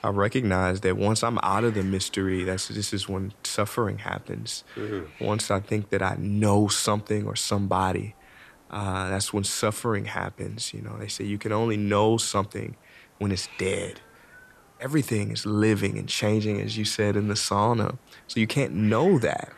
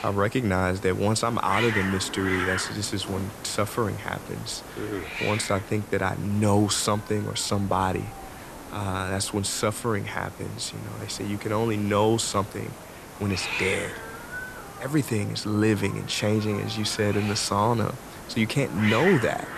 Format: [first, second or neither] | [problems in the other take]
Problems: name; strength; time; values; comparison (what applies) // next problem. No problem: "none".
first | hiss; loud; throughout; 9 dB below the speech; faint in the first